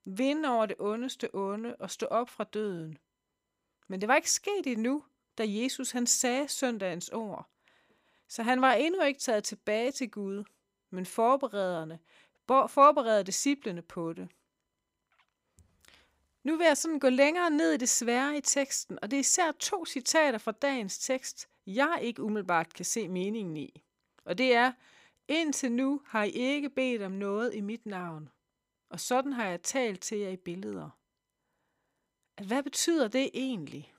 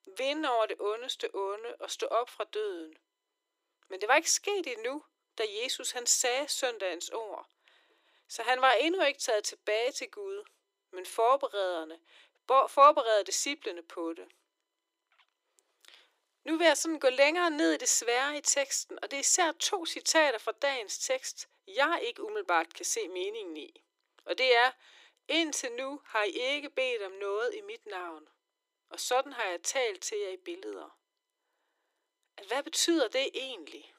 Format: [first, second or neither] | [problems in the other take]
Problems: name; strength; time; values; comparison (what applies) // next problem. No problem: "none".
first | thin; very; fading below 300 Hz